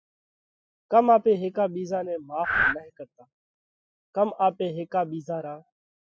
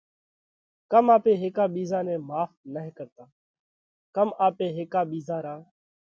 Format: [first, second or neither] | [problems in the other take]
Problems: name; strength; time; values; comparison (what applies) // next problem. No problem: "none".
second | noise reduction (classical method spectral subtraction)